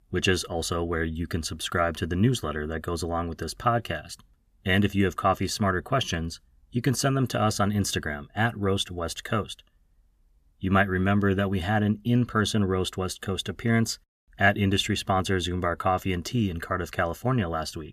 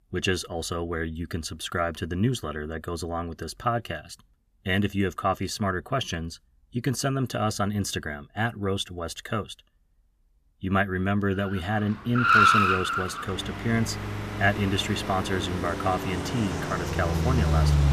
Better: first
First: none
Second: traffic noise; very loud; from 12 s on; 2 dB above the speech

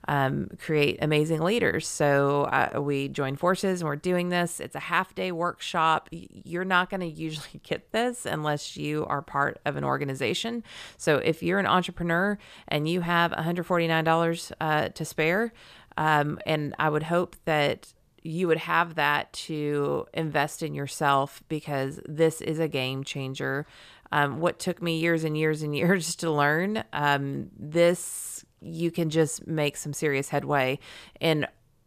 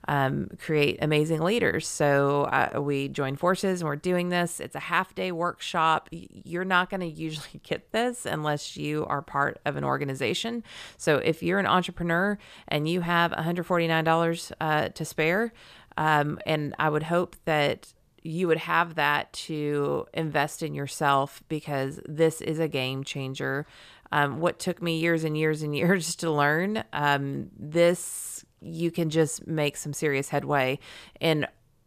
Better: neither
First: none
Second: none

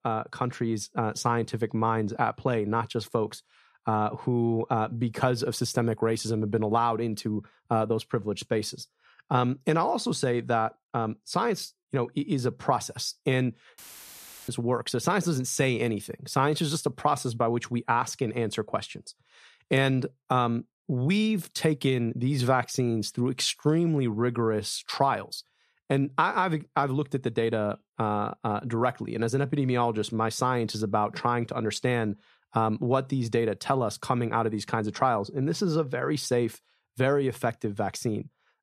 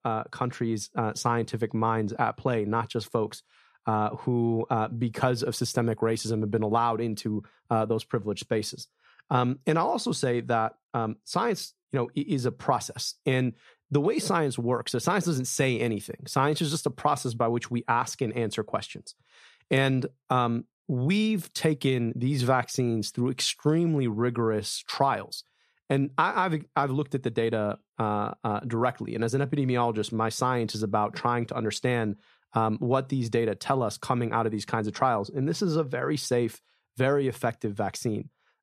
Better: second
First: audio cutting out; filled with static; at 14 s for 0.5 s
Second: none

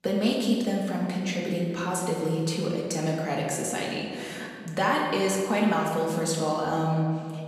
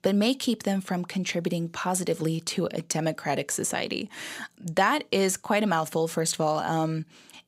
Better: second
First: off-mic speech; far // room echo; noticeable; dies away in 1.9 s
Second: none

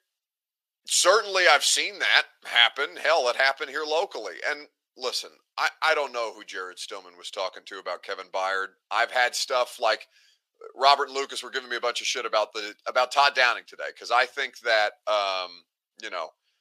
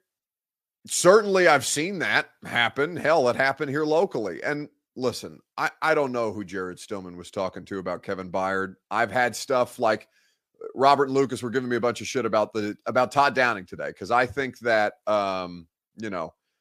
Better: second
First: thin; very; fading below 550 Hz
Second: none

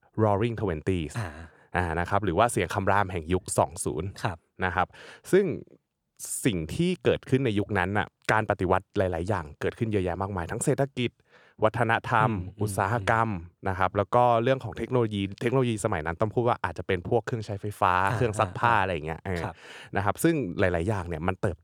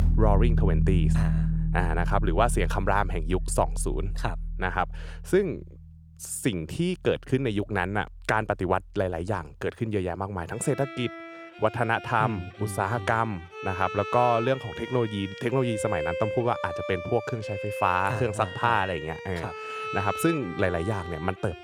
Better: first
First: none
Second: background music; loud; throughout; 4 dB below the speech

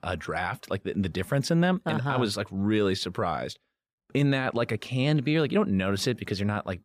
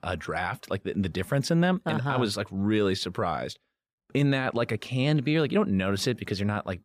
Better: neither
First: none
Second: none

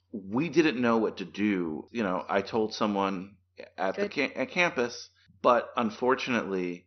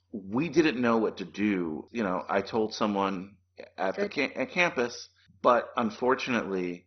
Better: first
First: garbled, watery; slightly; nothing above 6 kHz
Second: garbled, watery; badly; nothing above 6 kHz

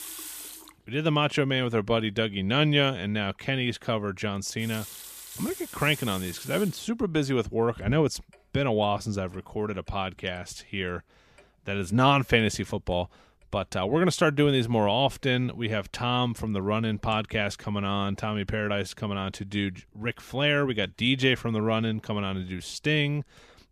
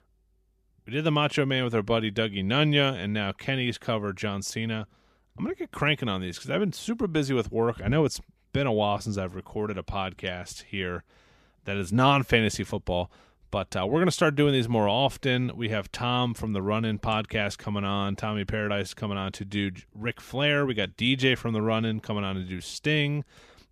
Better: second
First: household noises; noticeable; throughout; 15 dB below the speech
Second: none

